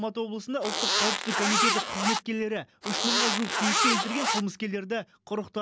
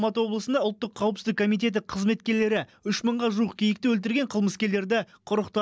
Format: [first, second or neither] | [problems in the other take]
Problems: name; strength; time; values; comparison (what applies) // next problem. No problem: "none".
second | background sound (Zipper (clothing)); 5 dB above the speech